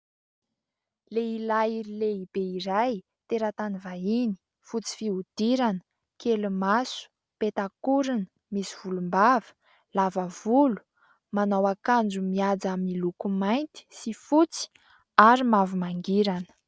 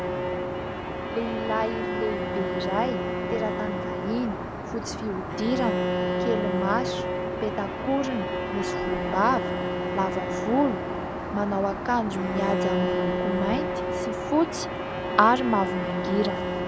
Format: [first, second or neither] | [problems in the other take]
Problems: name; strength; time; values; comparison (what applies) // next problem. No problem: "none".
first | background sound (Aircraft + Bowed string instrument); as loud as the speech